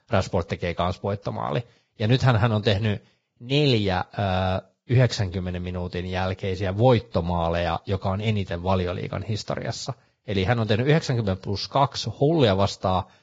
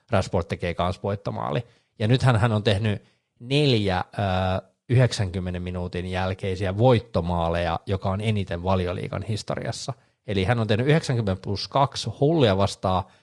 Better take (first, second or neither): second